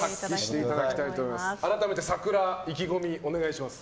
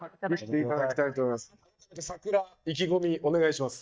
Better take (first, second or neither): first